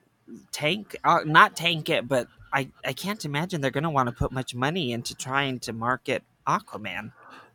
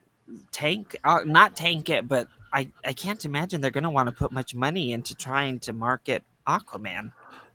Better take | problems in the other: first | garbled, watery; slightly; nothing above 18 kHz

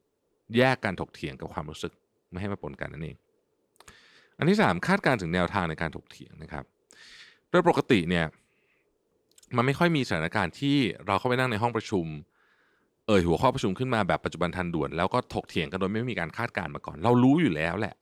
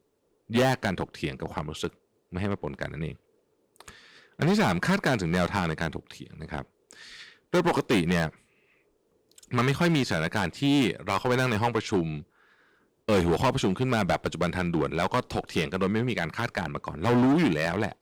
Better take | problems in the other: first | distortion; heavy; 7% of the sound clipped

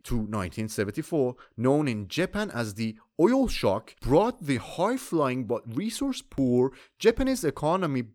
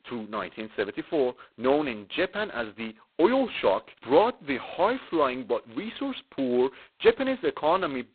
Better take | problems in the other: first | phone-call audio; poor line; nothing above 4 kHz

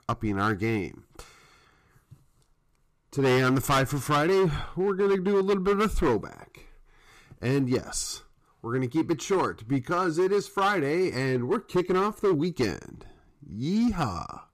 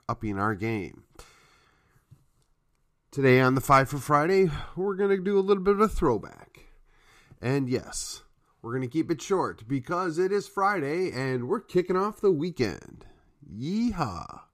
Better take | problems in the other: second | distortion; heavy; 8% of the sound clipped

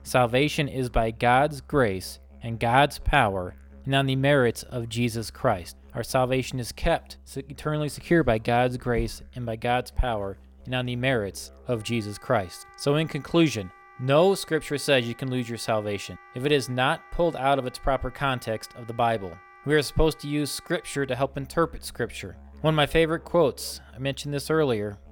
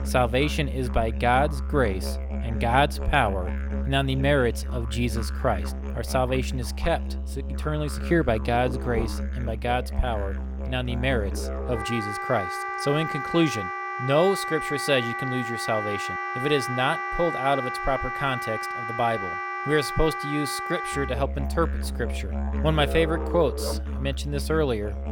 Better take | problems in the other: first | background music; loud; throughout; 4 dB below the speech; faint in the first

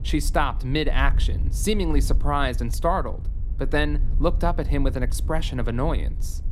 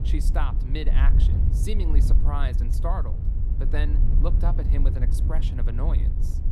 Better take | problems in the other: first | wind noise on the microphone; heavy; 6 dB below the speech; occasional gusts in the first

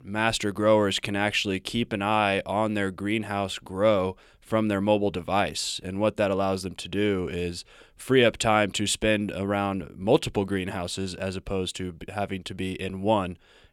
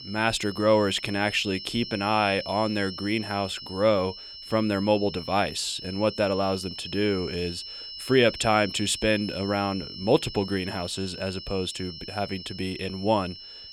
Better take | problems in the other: first | high-pitched whine; noticeable; throughout; 5.5 kHz, 10 dB below the speech

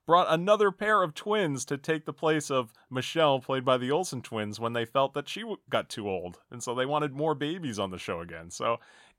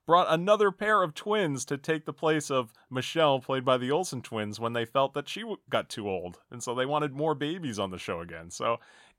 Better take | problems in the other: neither | none

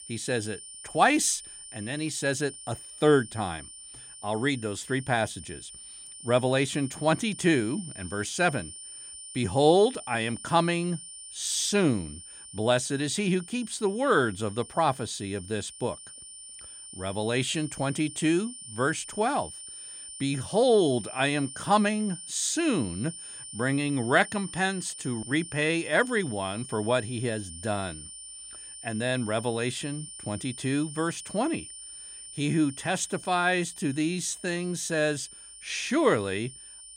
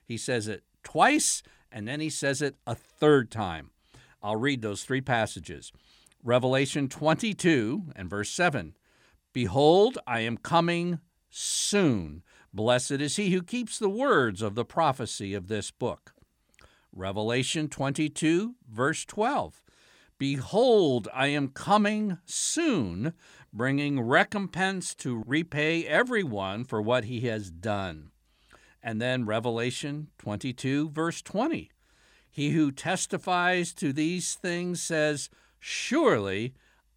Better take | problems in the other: second | high-pitched whine; noticeable; throughout; 9 kHz, 15 dB below the speech

